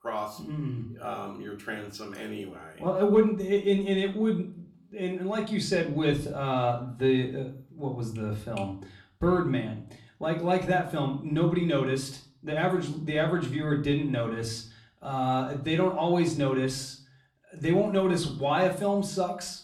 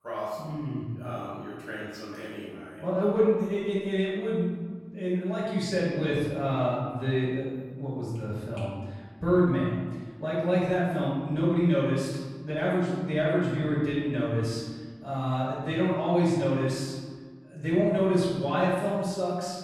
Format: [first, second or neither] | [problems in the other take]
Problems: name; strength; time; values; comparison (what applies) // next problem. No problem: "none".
first | room echo; strong; dies away in 1.4 s; slight in the first // off-mic speech; far; far in the first